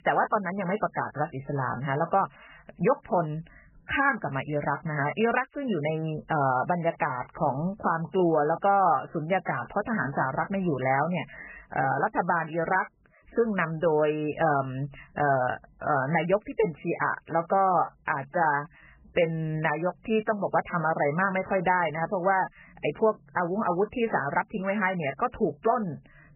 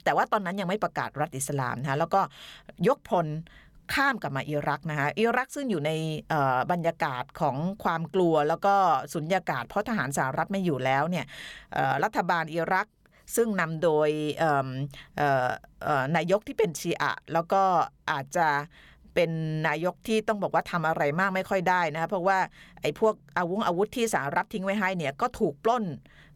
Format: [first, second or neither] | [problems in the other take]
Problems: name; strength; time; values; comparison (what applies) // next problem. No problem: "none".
second | garbled, watery; badly; nothing above 3 kHz